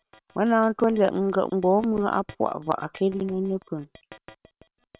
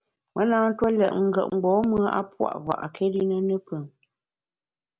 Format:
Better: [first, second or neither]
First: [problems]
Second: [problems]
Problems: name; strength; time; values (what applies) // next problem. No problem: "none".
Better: second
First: noise reduction (neural separator model SepFormer WHAM!)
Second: none